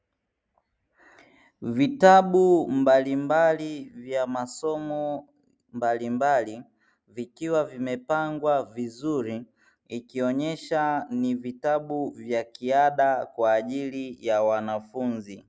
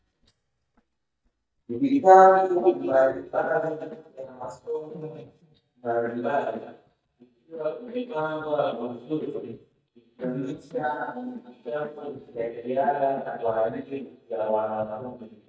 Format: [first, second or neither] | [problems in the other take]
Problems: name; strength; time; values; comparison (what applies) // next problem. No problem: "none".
first | noise reduction (neural mask model DeepFilterNet 3)